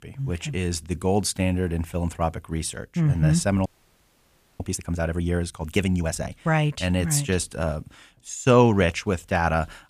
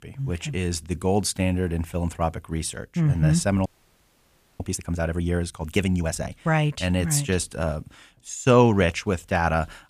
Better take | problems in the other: neither | audio freezing; at 3.5 s for 1 s; the same in both

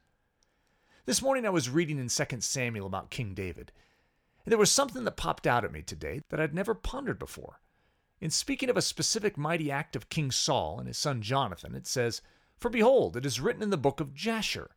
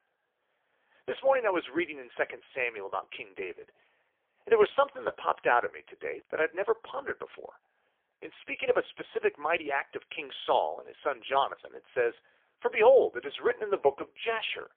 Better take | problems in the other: first | phone-call audio; poor line; nothing above 3.5 kHz

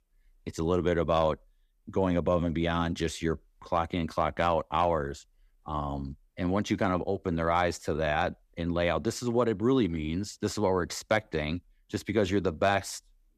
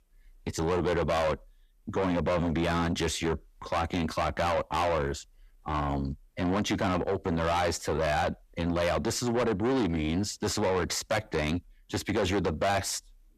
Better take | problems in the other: first | distortion; heavy; 6 dB below the speech

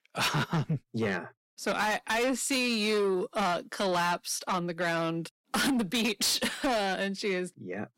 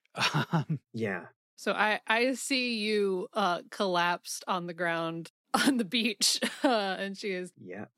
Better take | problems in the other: second | distortion; heavy; 7 dB below the speech

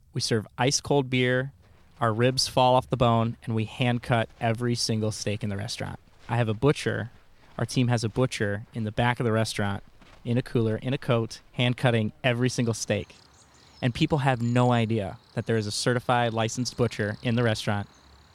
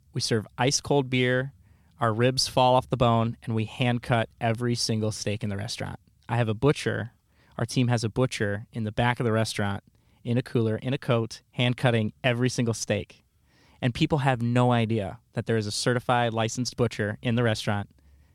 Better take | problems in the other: second | animal sounds; faint; throughout; 30 dB below the speech

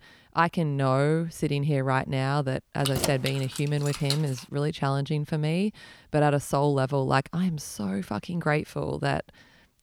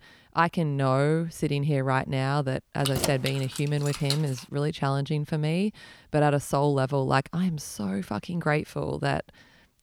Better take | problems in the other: neither | jangling keys; noticeable; from 3 to 4.5 s; peak 2 dB below the speech; the same in both

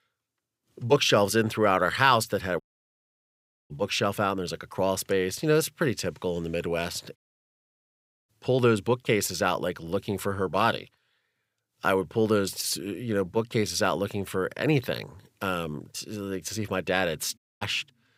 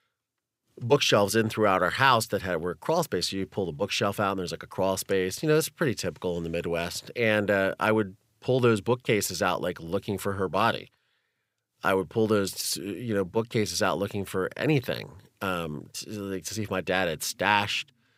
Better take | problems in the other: second | audio cutting out; at 2.5 s for 1 s, at 7 s for 1 s and at 17 s

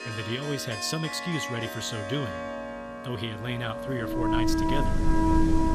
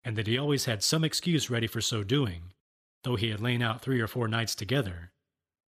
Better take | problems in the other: second | background music; very loud; throughout; 2 dB above the speech

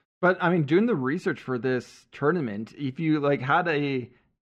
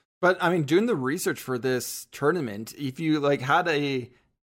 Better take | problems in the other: second | muffled; slightly; fading above 2.5 kHz

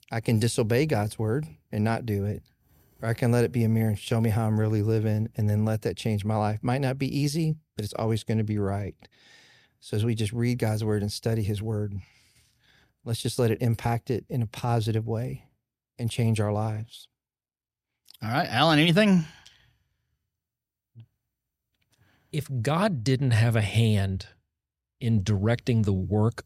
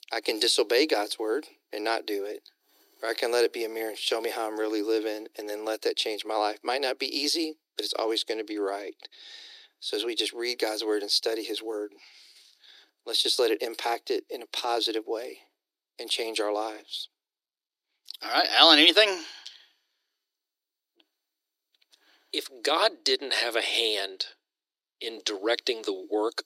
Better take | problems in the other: first | thin; very; fading below 300 Hz

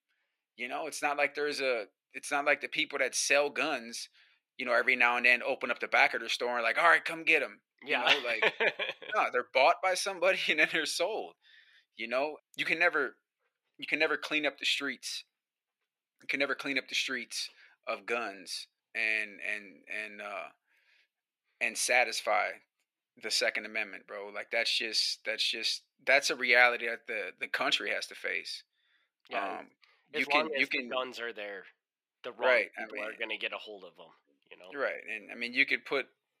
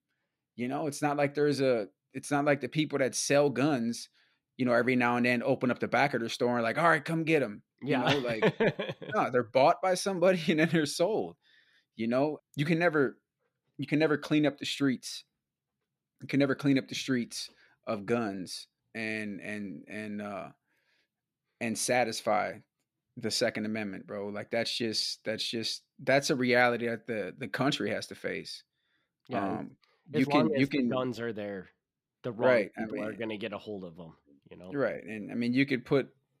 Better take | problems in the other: second | thin; somewhat; fading below 600 Hz

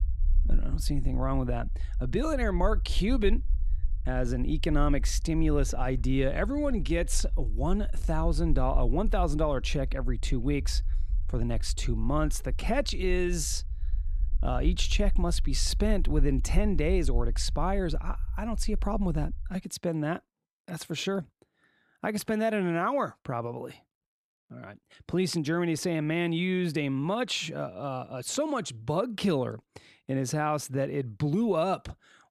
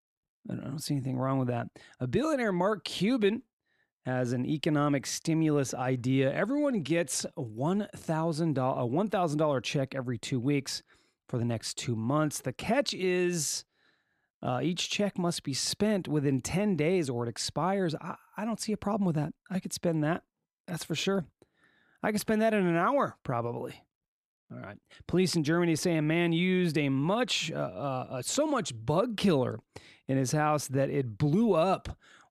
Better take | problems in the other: second | low rumble; faint; until 19 s; 25 dB below the speech

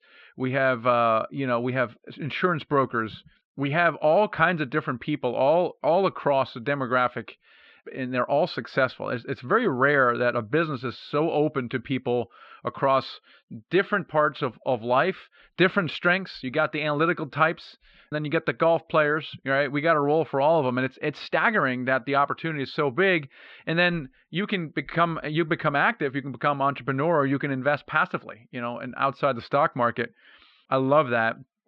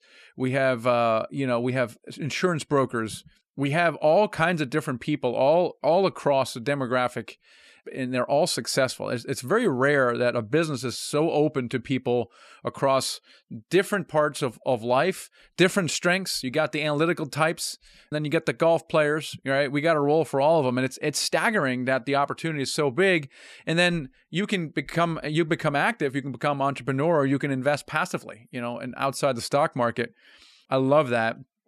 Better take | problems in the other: second | muffled; slightly; fading above 3.5 kHz

